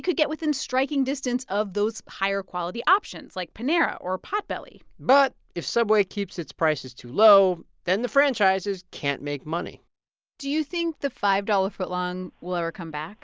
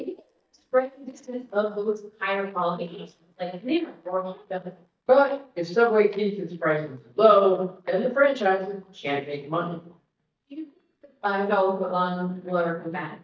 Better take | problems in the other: first | noise reduction (neural mask model DeepFilterNet 3)

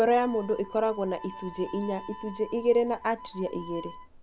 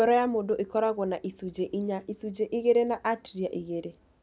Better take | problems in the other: second | background sound (Harmonica); 15 dB below the speech

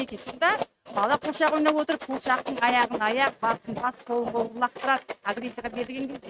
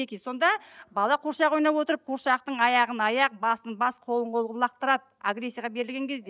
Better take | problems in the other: second | noise reduction (neural mask model RNNoise)

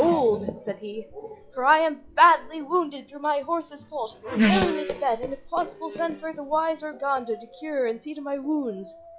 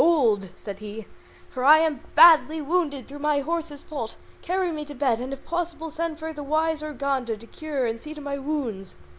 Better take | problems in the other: second | noise reduction (classical method log-MMSE)

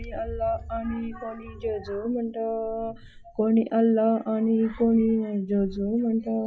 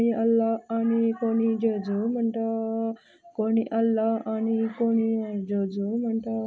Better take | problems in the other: second | noise reduction (classical method log-MMSE)

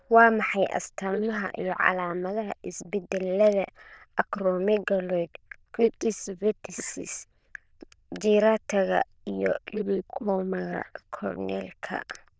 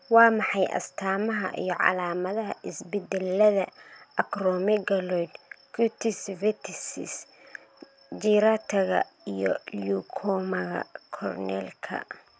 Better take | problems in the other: second | noise reduction (neural diffusion model UNIVERSE++)

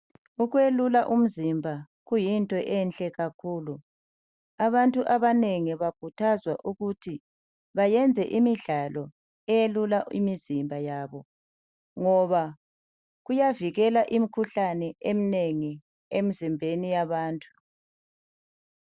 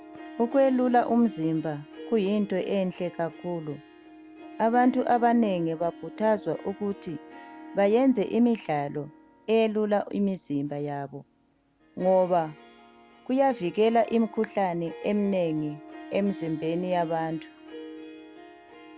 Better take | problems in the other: first | background sound (Harp); 17 dB below the speech

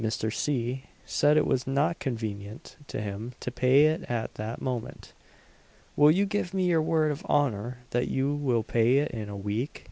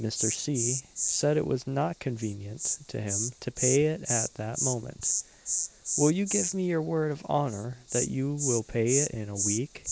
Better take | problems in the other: first | background sound (Insect); 3 dB below the speech

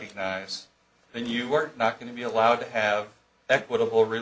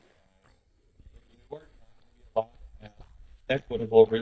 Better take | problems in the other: first | noise reduction (neural mask model DeepFilterNet 3)

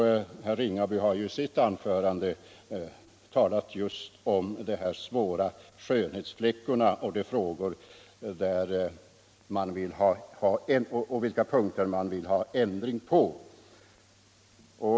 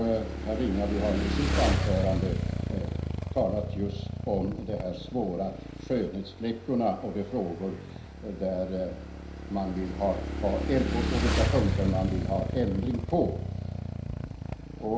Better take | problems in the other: first | background sound (Motorcycle / Engine); 1 dB below the speech // room echo; dies away in 0.5 s

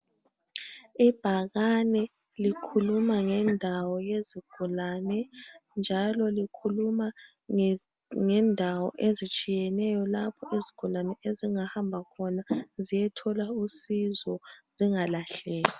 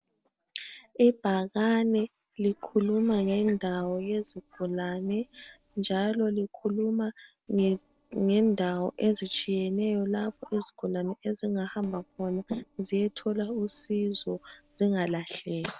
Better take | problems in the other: first | noise reduction (neural separator model SepFormer DNS4)

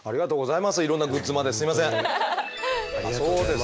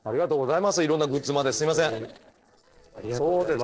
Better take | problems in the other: first | noise reduction (neural separator model SepFormer DNS4)

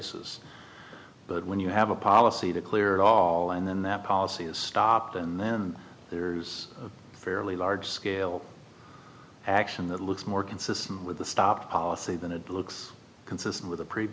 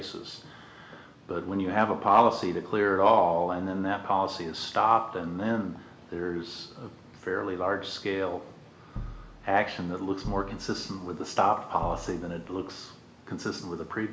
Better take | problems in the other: first | background sound (Bass drum); 12 dB below the speech // room echo; dies away in 1.9 s

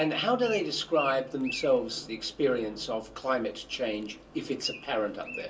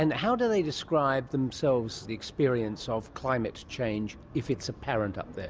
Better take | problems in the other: second | background sound (Bird); 15 dB below the speech // room echo; dies away in 0.2 s

